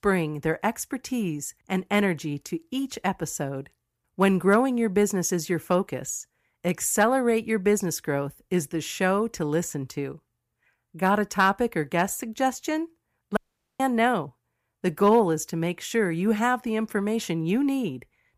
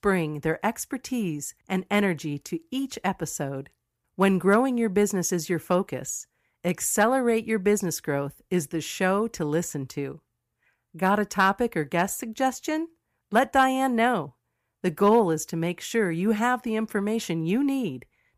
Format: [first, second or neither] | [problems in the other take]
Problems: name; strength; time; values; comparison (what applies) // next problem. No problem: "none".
second | audio cutting out; at 13 s